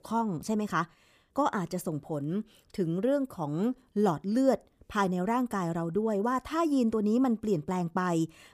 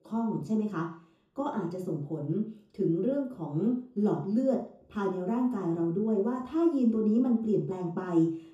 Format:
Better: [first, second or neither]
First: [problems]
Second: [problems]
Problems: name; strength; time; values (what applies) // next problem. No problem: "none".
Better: first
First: none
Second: room echo; slight; dies away in 0.6 s // off-mic speech; far